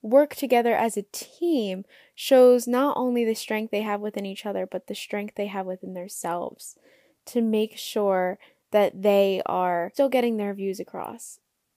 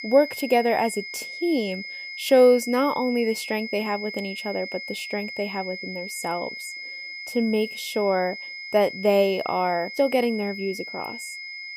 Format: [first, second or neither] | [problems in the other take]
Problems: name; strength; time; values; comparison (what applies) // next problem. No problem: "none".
first | high-pitched whine; loud; throughout; 2 kHz, 9 dB below the speech